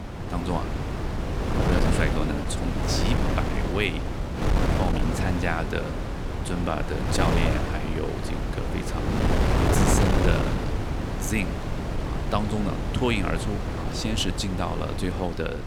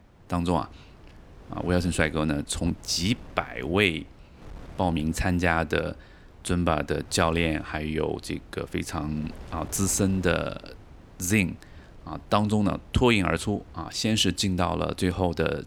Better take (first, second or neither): second